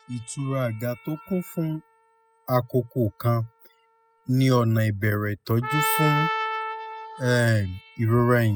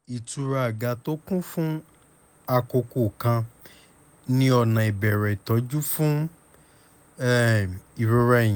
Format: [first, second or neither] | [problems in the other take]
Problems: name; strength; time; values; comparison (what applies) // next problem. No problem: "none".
second | noise reduction (classical method spectral subtraction)